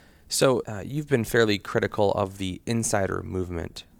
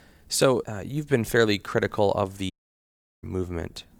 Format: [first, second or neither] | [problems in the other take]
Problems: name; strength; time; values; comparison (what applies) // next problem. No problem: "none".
first | audio cutting out; at 2.5 s for 0.5 s